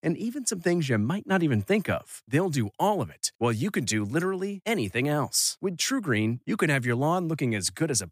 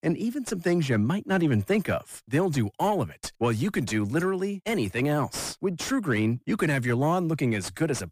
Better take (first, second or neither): first